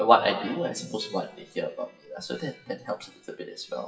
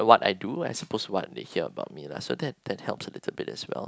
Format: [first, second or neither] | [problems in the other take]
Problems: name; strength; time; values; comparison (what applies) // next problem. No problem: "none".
second | noise reduction (classical method WPE with log-MMSE)